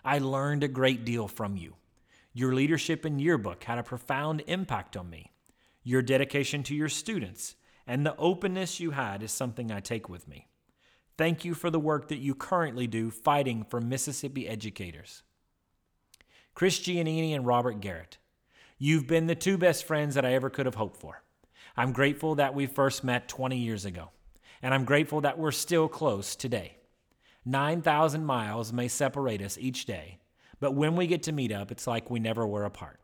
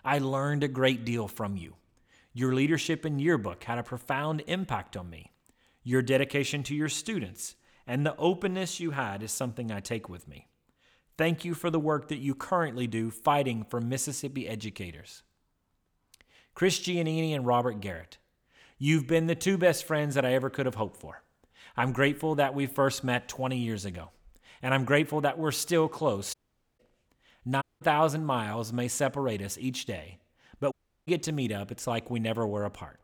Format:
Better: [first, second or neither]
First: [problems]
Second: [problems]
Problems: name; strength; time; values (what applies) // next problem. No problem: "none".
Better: first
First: none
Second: audio cutting out; at 26 s, at 28 s and at 31 s